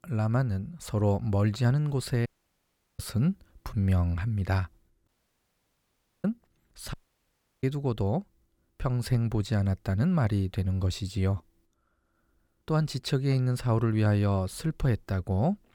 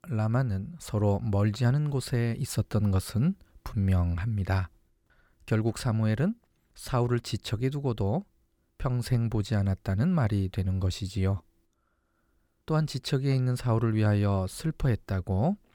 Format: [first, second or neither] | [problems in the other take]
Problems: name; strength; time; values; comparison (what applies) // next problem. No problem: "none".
second | audio cutting out; at 2.5 s for 0.5 s, at 5 s for 1 s and at 7 s for 0.5 s